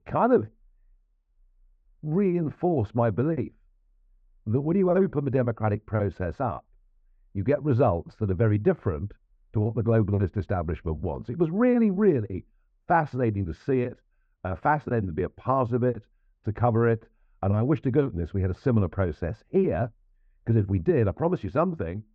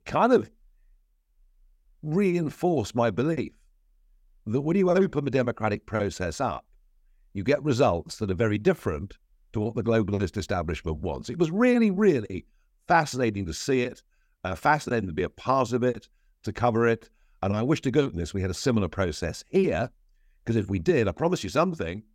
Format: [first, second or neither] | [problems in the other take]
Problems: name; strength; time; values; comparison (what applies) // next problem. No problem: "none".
second | muffled; very; fading above 1.5 kHz